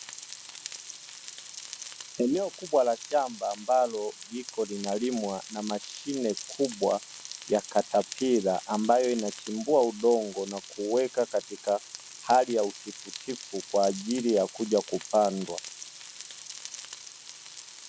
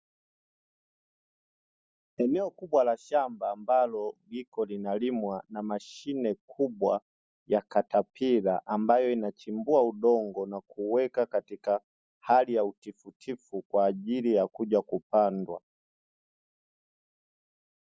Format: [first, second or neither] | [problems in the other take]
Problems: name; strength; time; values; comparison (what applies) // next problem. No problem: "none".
second | background sound (Frying (food)); 14 dB below the speech